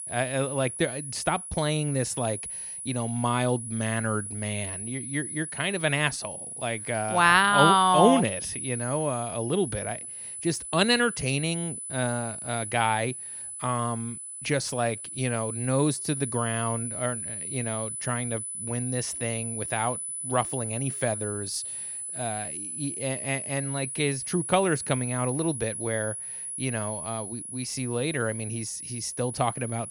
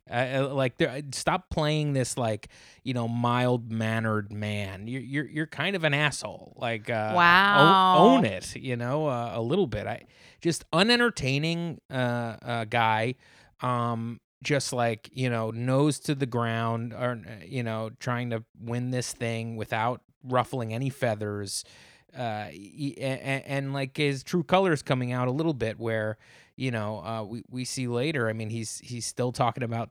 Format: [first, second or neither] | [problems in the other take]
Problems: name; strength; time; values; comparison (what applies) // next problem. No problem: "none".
second | high-pitched whine; loud; throughout; 10 kHz, 5 dB below the speech